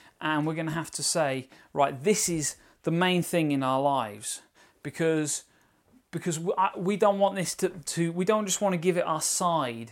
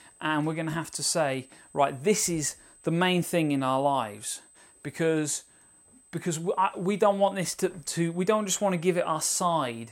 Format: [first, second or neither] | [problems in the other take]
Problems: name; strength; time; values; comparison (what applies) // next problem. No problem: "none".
first | high-pitched whine; faint; throughout; 8 kHz, 25 dB below the speech